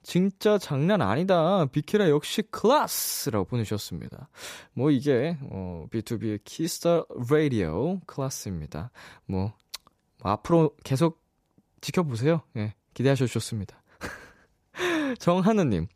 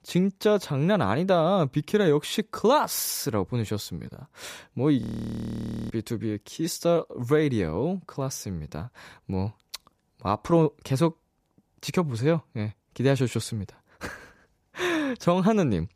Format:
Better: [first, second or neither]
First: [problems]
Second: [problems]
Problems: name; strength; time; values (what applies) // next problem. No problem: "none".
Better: first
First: none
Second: audio freezing; at 5 s for 1 s